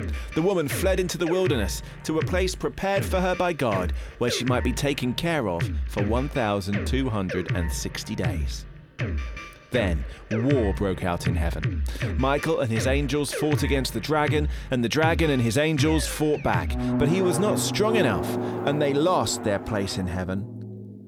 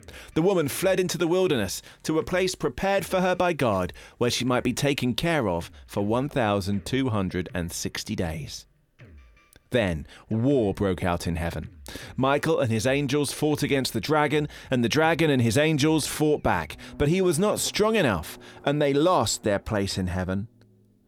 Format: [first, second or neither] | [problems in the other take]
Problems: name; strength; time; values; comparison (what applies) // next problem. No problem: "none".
second | background music; loud; throughout; 6 dB below the speech; faint in the second